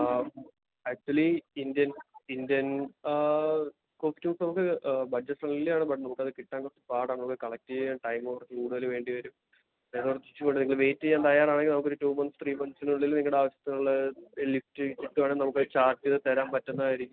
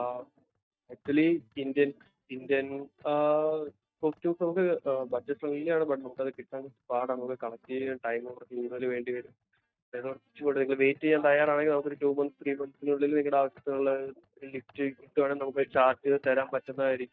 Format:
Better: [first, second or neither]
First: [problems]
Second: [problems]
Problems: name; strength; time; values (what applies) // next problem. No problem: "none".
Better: first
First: none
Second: noise reduction (neural mask model DeepFilterNet 3)